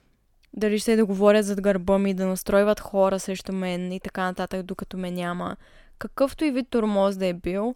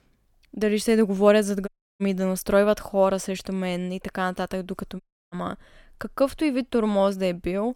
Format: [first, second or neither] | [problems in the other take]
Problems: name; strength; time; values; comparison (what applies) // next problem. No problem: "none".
first | audio cutting out; at 1.5 s and at 5 s